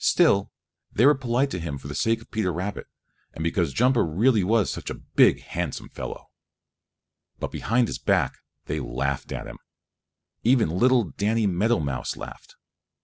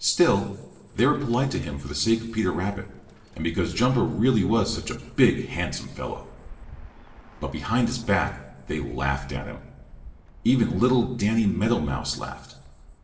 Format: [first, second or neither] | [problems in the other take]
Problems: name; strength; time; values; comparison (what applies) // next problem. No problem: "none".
first | background sound (Bird); 20 dB below the speech // room echo; dies away in 0.8 s